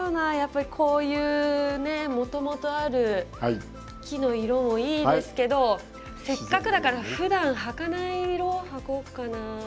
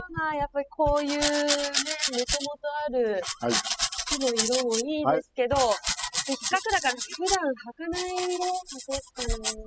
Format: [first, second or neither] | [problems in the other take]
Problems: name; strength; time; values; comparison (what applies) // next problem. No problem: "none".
first | noise reduction (classical method spectral subtraction)